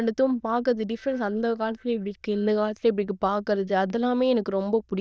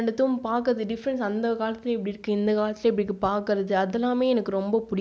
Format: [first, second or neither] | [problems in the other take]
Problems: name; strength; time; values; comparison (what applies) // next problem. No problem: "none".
second | noise reduction (neural diffusion model UNIVERSE++)